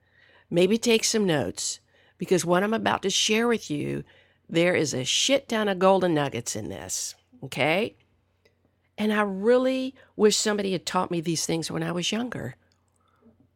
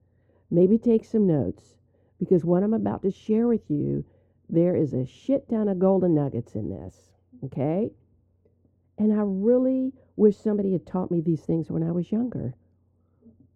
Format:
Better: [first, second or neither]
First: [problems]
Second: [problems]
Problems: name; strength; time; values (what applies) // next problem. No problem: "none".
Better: first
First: none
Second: muffled; very; fading above 1 kHz